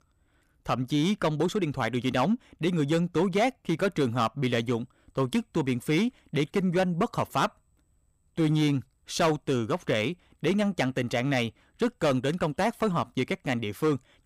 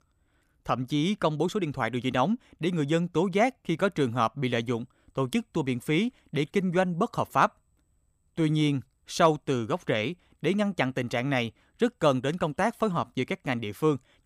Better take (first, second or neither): second